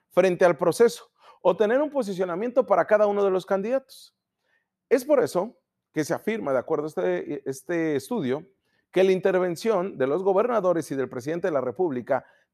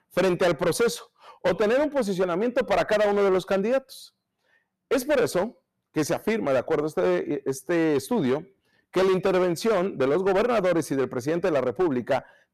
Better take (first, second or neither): first